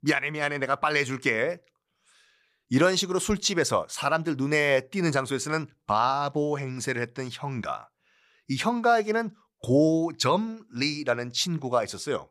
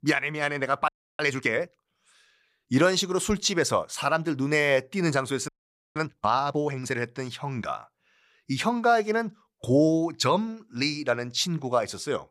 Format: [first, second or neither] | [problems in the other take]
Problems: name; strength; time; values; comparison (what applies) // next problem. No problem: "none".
first | audio freezing; at 1 s and at 5.5 s